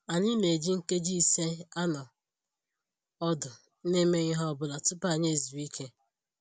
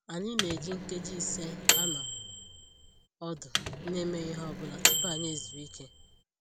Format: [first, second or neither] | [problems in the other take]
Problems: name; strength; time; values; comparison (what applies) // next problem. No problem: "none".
first | background sound (Microwave oven); 5 dB above the speech